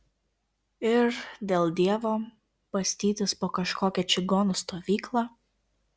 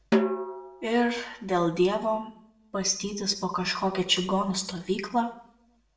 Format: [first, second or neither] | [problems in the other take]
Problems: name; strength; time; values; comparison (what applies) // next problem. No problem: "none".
first | background sound (Snare drum); 3 dB below the speech // room echo; dies away in 0.5 s